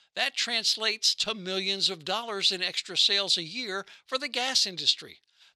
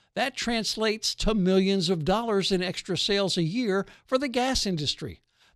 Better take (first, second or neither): second